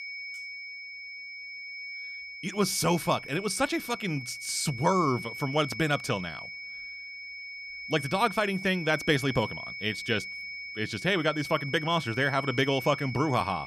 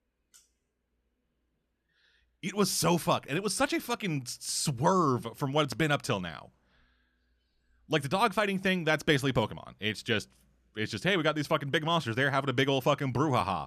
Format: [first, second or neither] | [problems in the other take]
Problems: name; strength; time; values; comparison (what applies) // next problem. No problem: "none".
second | high-pitched whine; loud; throughout; 2 kHz, 10 dB below the speech